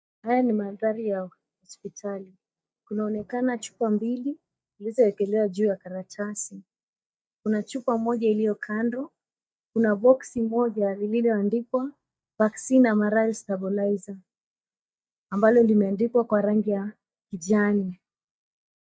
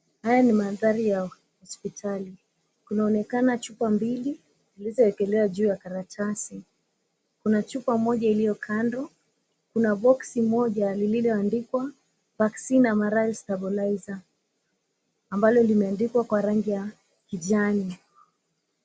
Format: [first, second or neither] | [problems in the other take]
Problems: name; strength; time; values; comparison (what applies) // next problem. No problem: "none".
second | noise reduction (neural mask model DeepFilterNet 3)